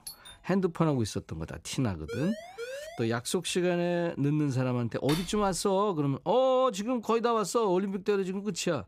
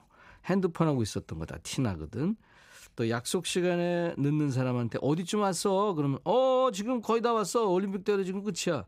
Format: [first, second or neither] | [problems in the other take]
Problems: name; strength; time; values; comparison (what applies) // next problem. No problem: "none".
second | doorbell; faint; at the start; peak 15 dB below the speech // siren; faint; at 2 s; peak 10 dB below the speech // clattering dishes; noticeable; at 5 s; peak 9 dB below the speech